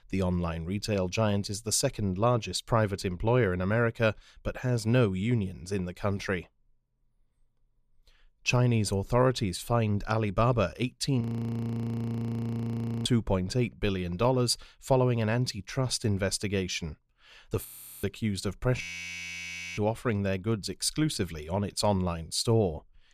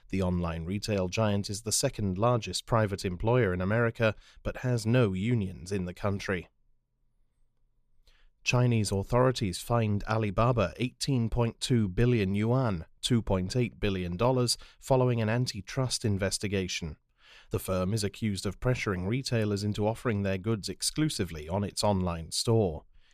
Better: second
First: audio freezing; at 11 s for 2 s, at 18 s and at 19 s for 1 s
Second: none

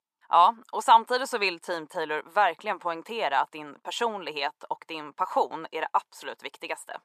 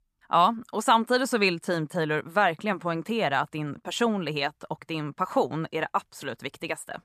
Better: second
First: thin; very; fading below 450 Hz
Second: none

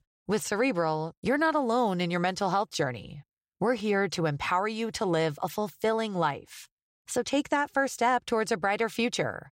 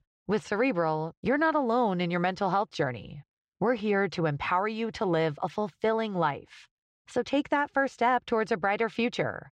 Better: first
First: none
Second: muffled; slightly; fading above 3.5 kHz

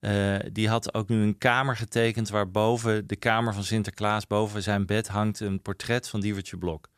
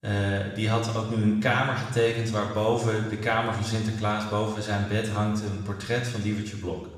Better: first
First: none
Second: room echo; noticeable; dies away in 1.1 s // off-mic speech; far

